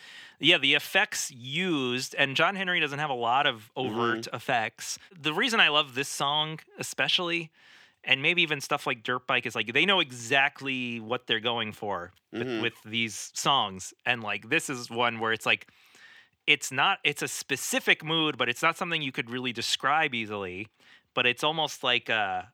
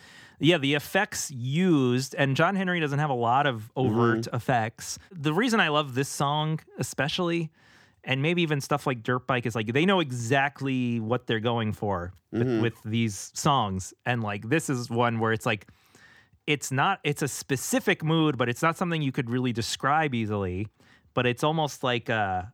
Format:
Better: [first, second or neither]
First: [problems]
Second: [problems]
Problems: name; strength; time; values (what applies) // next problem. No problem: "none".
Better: second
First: thin; somewhat; fading below 900 Hz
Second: none